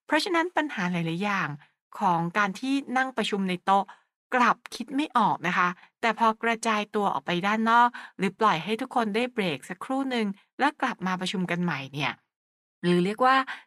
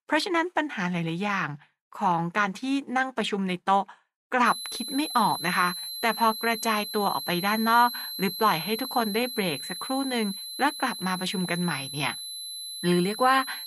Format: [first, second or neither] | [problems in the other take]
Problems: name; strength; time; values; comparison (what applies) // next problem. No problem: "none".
first | high-pitched whine; loud; from 4.5 s on; 4 kHz, 7 dB below the speech